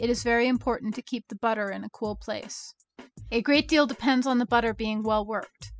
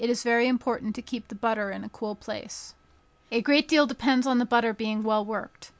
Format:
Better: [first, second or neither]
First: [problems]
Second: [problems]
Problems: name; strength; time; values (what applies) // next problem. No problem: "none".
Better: second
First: noise reduction (classical method spectral subtraction)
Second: none